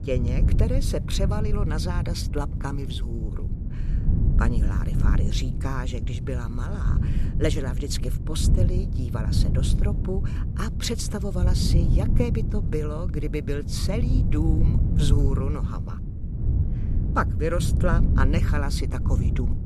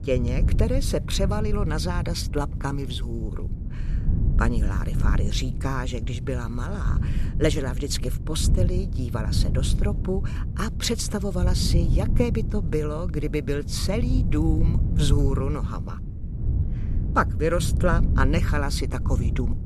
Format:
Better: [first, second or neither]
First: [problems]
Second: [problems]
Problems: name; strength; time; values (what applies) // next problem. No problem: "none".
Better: second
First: wind noise on the microphone; heavy; 6 dB below the speech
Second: wind noise on the microphone; occasional gusts; 10 dB below the speech